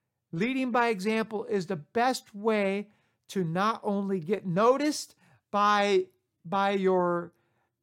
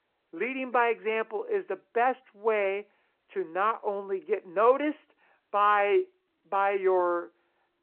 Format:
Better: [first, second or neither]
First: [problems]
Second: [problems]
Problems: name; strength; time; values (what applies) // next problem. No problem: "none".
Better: first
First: none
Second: phone-call audio